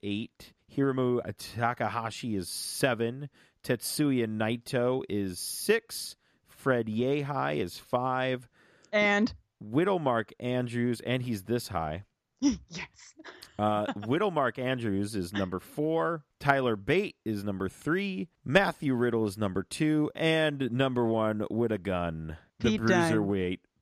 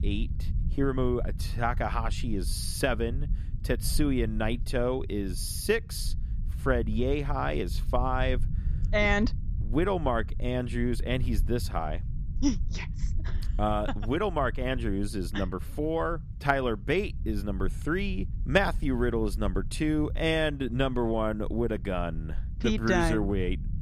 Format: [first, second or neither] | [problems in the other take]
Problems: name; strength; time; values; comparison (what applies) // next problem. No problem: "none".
first | low rumble; faint; throughout; 20 dB below the speech